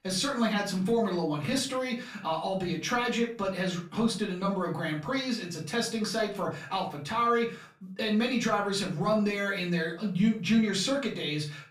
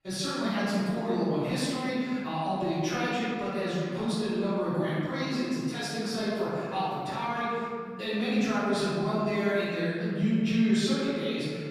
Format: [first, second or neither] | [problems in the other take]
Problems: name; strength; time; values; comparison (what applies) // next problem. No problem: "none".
first | room echo; strong; dies away in 2 s; slight in the first // off-mic speech; far; far in the first